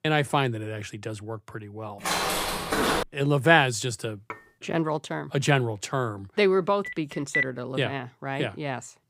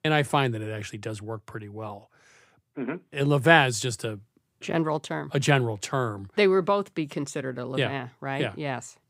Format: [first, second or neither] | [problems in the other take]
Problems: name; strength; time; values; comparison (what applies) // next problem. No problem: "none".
second | footsteps; loud; from 2 to 3 s; peak 2 dB above the speech // clattering dishes; faint; at 4.5 s; peak 15 dB below the speech // phone ringing; noticeable; at 7 s; peak level with the speech